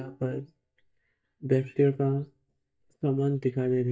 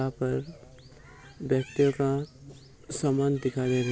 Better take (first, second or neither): second